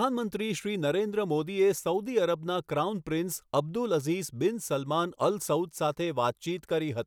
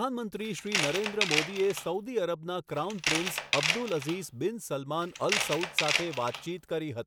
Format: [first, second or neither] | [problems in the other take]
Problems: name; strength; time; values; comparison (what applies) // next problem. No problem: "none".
first | background sound (Tools); 1 dB below the speech